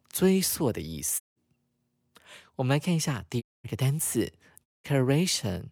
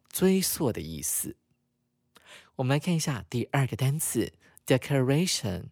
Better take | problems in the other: second | audio cutting out; at 1 s, at 3.5 s and at 4.5 s

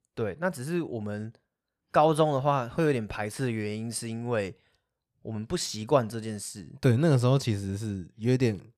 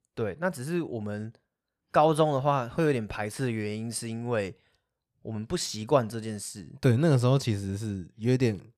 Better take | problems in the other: neither | none

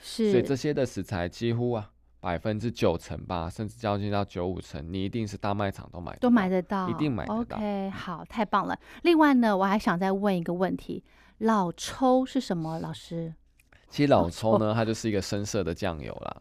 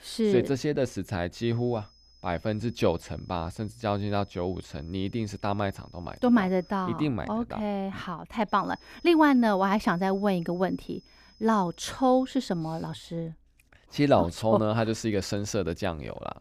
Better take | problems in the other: first | high-pitched whine; faint; from 1.5 to 6.5 s and from 8.5 to 13 s; 5 kHz, 30 dB below the speech

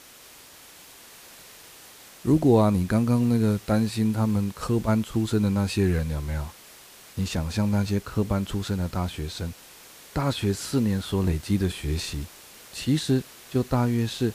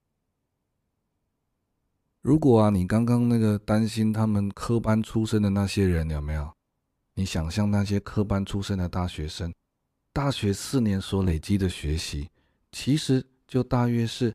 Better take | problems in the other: second | hiss; faint; throughout; 20 dB below the speech

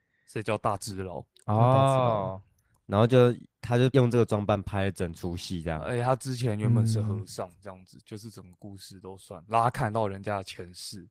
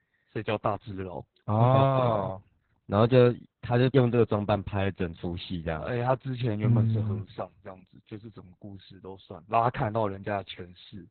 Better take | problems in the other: first | garbled, watery; badly; nothing above 4 kHz; slightly in the first

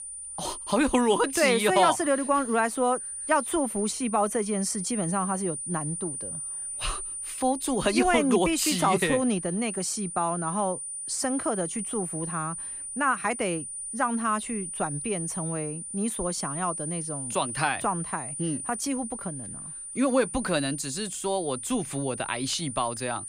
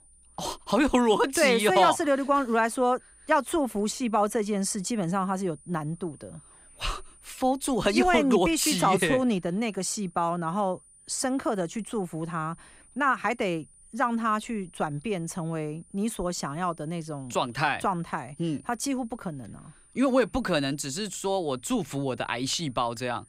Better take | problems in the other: second | high-pitched whine; loud; throughout; 9.5 kHz, 6 dB below the speech; faint in the second

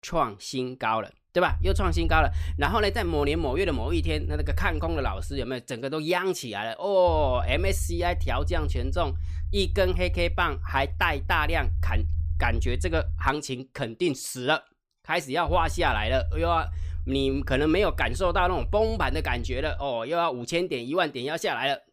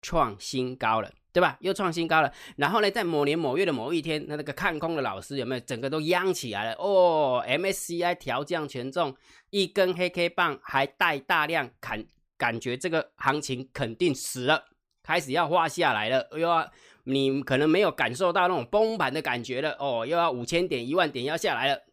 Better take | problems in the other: second | low rumble; faint; from 1.5 to 5.5 s, from 7 to 13 s and from 15 to 20 s; 25 dB below the speech

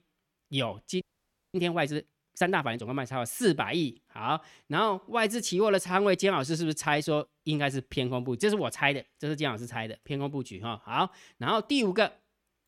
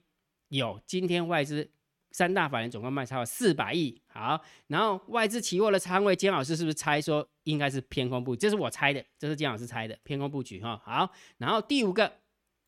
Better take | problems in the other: second | audio freezing; at 1 s for 0.5 s

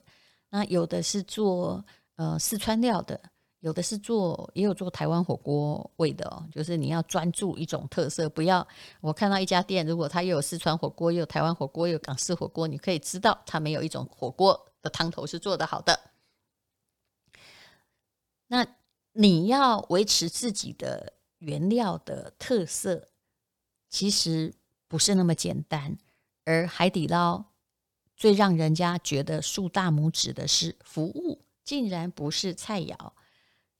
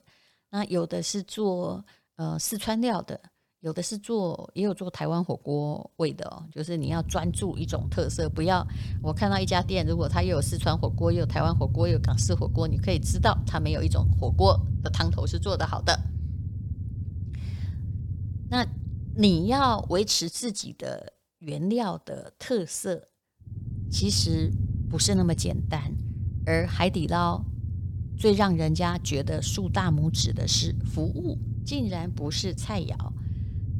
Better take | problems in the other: first | low rumble; noticeable; from 7 to 20 s and from 23 s on; 15 dB below the speech

